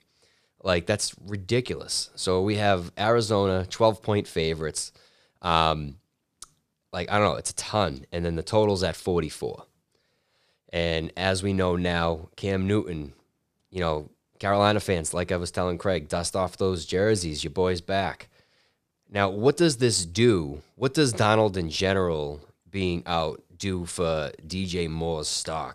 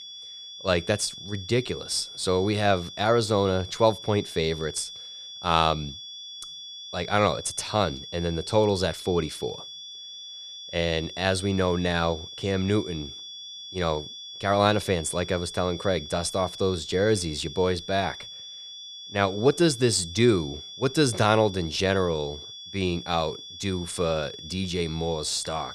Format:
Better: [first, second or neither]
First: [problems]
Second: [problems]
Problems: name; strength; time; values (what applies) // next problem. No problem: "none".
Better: first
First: none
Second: high-pitched whine; noticeable; throughout; 3.5 kHz, 10 dB below the speech